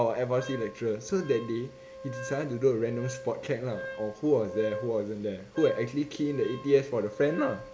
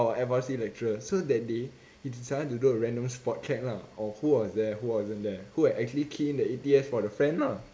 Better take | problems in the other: second | background sound (Wind instrument, woodwind instrument); 13 dB below the speech

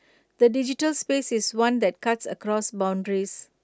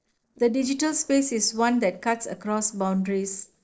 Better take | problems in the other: first | noise reduction (neural separator model SepFormer DNS4)

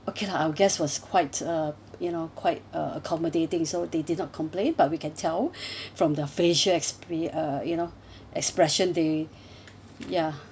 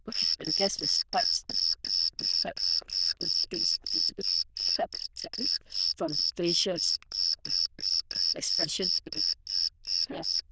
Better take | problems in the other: first | noise reduction (neural diffusion model UNIVERSE++)

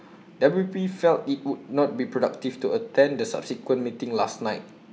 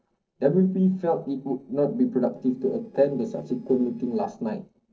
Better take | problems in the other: first | noise reduction (neural separator model SepFormer DNS4)

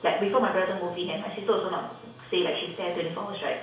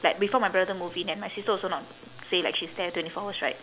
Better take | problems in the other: second | room echo; dies away in 0.6 s

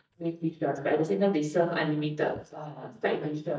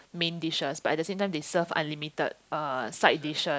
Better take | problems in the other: second | noise reduction (neural mask model DeepFilterNet 3)

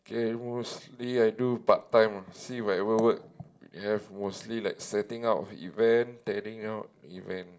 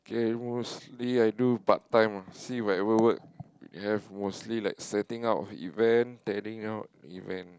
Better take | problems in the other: second | room echo; dies away in 0.3 s

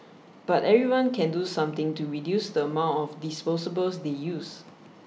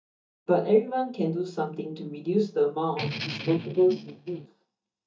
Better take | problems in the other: first | noise reduction (neural mask model DeepFilterNet 3)

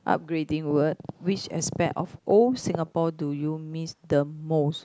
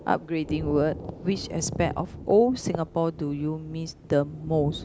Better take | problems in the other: first | background sound (Thunder); 14 dB below the speech

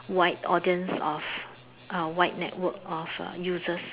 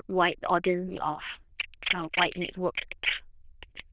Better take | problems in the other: first | noise reduction (neural diffusion model UNIVERSE++)

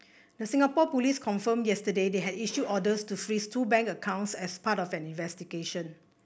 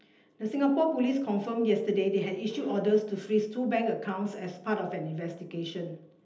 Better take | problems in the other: first | room echo; dies away in 1.2 s

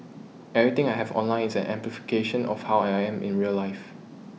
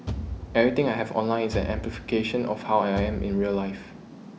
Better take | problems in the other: first | background sound (Bass drum / Thump, thud); 10 dB below the speech

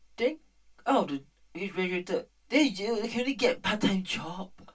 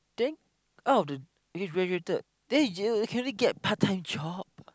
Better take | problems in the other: second | room echo; dies away in 0.1 s

